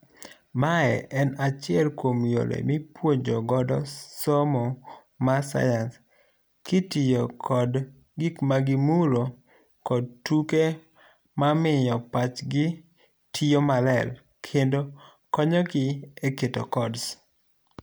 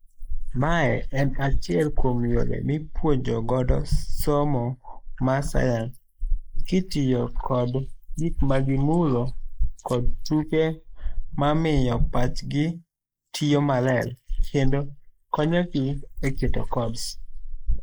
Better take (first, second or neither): first